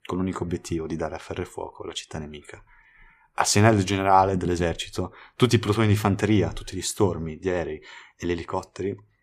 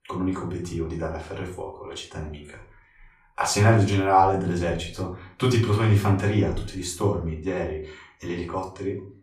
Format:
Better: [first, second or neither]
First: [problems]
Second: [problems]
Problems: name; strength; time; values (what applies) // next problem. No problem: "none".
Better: first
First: none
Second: off-mic speech; far // room echo; slight; dies away in 0.4 s